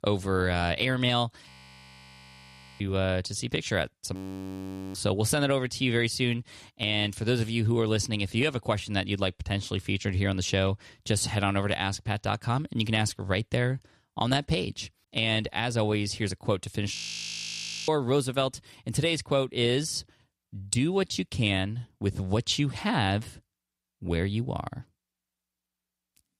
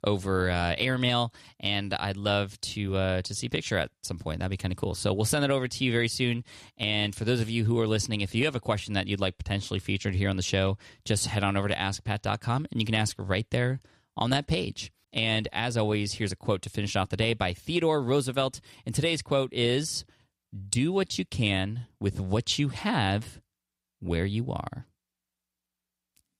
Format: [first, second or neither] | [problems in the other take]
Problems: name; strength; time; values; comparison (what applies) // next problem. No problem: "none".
second | audio freezing; at 1.5 s for 1.5 s, at 4 s for 1 s and at 17 s for 1 s